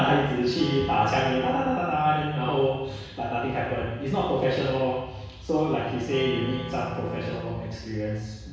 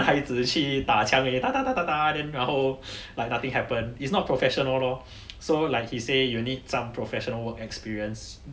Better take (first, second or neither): second